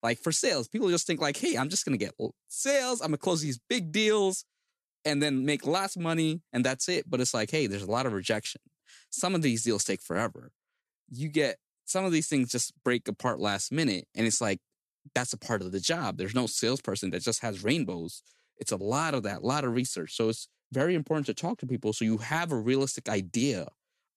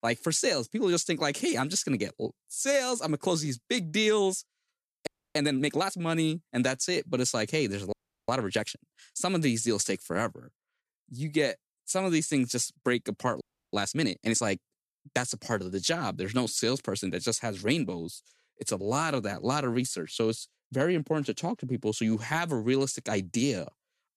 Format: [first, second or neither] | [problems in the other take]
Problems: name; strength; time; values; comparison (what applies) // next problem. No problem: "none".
first | audio freezing; at 5 s, at 8 s and at 13 s